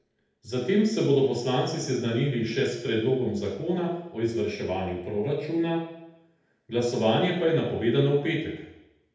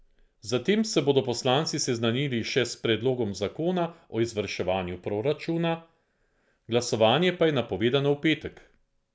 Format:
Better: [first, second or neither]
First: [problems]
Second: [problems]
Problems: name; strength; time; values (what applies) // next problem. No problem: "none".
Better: second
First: room echo; dies away in 0.8 s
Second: none